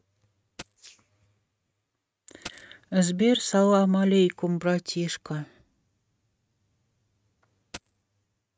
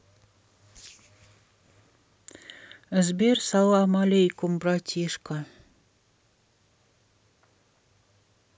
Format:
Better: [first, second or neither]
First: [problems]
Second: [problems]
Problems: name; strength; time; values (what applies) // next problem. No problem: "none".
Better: second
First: noise reduction (neural mask model RNNoise)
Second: none